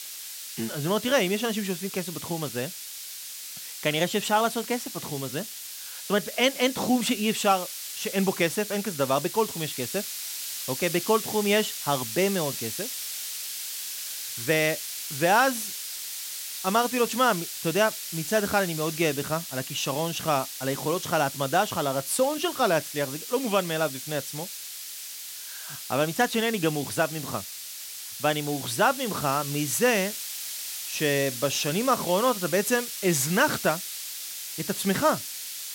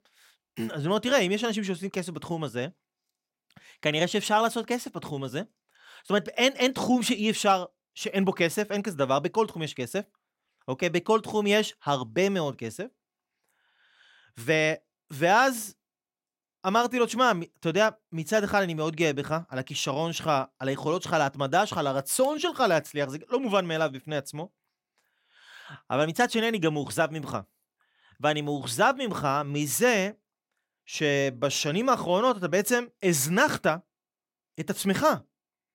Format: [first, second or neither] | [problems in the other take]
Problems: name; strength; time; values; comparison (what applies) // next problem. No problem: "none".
second | hiss; loud; throughout; 7 dB below the speech